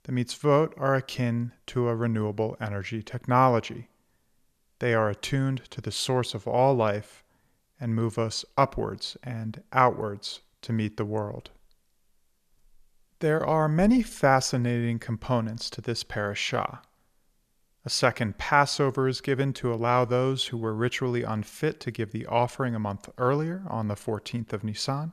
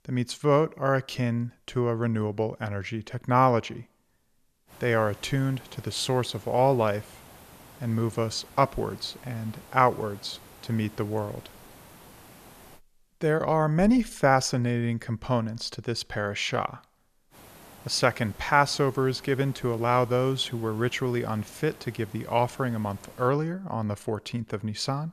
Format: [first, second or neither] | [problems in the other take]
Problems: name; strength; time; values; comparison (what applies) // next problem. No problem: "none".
first | hiss; faint; from 4.5 to 13 s and from 17 to 23 s; 20 dB below the speech